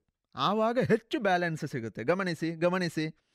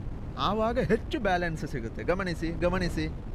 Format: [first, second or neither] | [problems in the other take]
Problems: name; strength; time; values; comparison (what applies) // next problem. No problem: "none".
first | wind noise on the microphone; occasional gusts; 15 dB below the speech